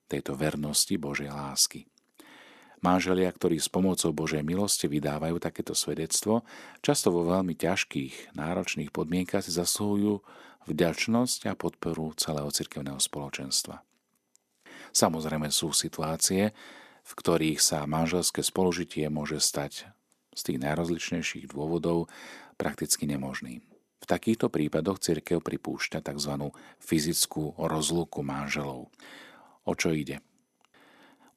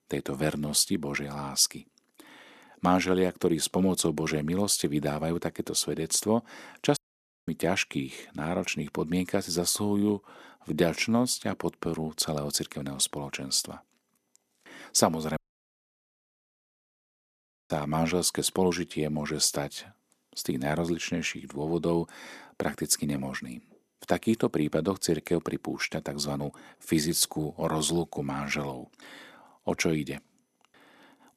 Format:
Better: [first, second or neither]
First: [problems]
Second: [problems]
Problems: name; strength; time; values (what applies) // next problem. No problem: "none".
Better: first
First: none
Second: audio cutting out; at 7 s for 0.5 s and at 15 s for 2.5 s